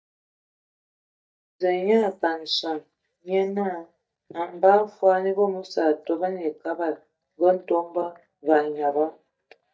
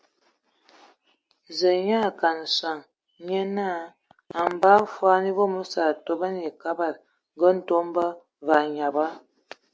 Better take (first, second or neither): second